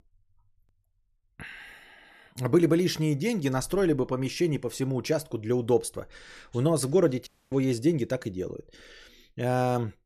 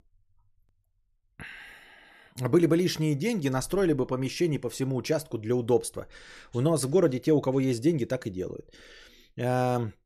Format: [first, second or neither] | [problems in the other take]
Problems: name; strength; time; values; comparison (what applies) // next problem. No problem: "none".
second | audio cutting out; at 7.5 s